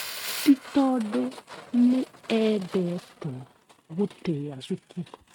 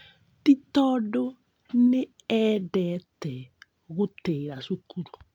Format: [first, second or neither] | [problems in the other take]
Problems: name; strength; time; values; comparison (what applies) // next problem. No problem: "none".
second | noise reduction (neural mask model RNNoise)